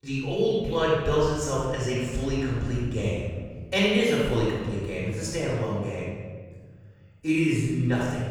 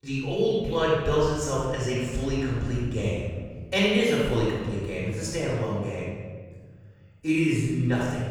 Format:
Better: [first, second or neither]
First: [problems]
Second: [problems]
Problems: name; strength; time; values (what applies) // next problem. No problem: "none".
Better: neither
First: room echo; strong; dies away in 1.7 s // off-mic speech; far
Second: room echo; strong; dies away in 1.7 s // off-mic speech; far